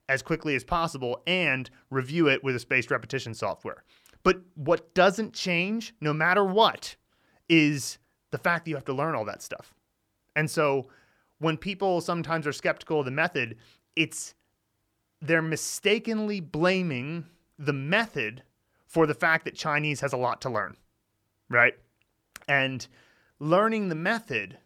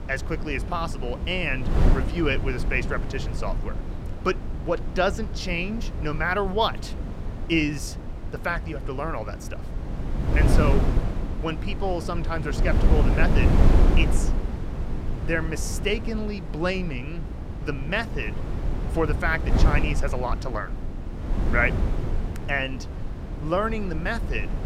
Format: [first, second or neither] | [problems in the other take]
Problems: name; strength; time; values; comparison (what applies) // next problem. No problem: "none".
first | wind noise on the microphone; heavy; 9 dB below the speech